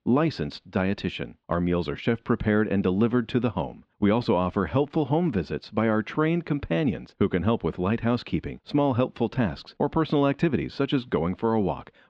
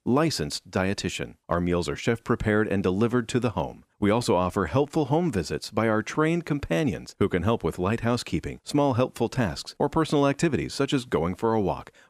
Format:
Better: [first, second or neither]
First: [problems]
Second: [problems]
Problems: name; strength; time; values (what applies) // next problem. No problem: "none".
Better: second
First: muffled; slightly; fading above 3.5 kHz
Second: none